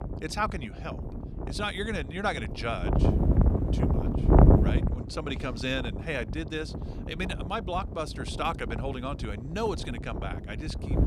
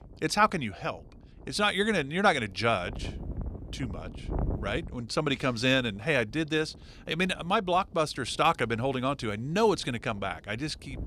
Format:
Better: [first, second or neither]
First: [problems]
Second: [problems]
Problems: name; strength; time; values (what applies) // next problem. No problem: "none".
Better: second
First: wind noise on the microphone; heavy; 3 dB below the speech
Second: wind noise on the microphone; occasional gusts; 20 dB below the speech